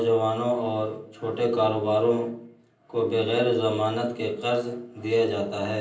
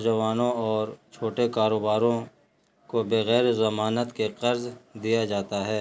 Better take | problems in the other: second | room echo; dies away in 0.6 s

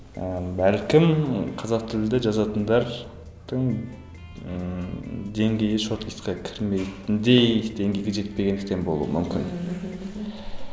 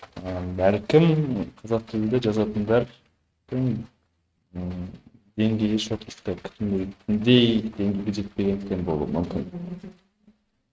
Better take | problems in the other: first | noise reduction (neural mask model RNNoise)

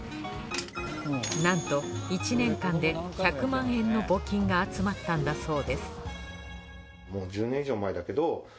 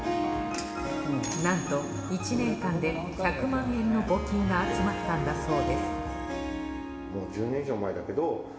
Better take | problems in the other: first | background sound (Harp); 6 dB below the speech // room echo; dies away in 2.4 s

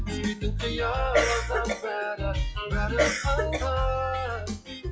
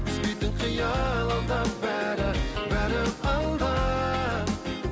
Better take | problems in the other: second | noise reduction (classical method log-MMSE)

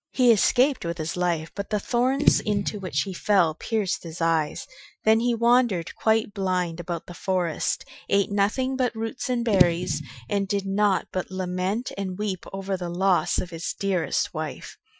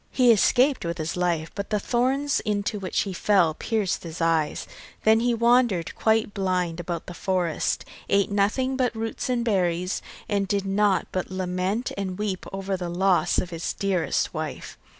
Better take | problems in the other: second | noise reduction (classical method Wiener filter)

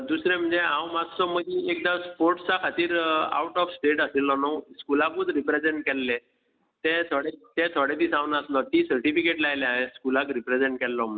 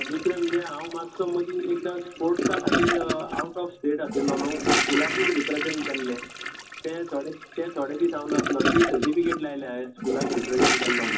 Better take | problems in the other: first | background sound (Toilet flush / Gurgling); 1 dB below the speech // room echo; dies away in 0.4 s

